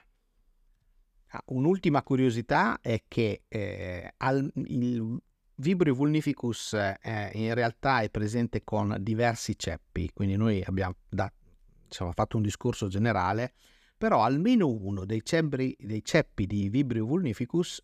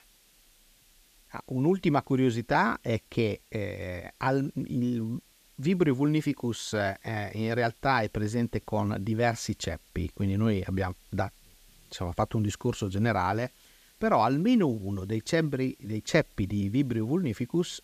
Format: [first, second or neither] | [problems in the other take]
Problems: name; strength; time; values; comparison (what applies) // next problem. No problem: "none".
first | hiss; faint; throughout; 30 dB below the speech